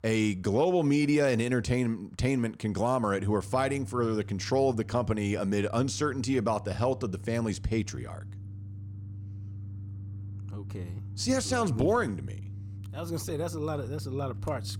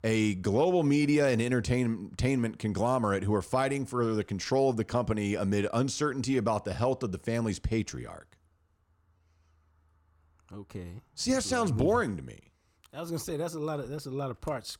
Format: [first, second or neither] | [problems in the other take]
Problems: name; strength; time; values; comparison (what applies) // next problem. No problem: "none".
second | low rumble; faint; from 3 s on; 25 dB below the speech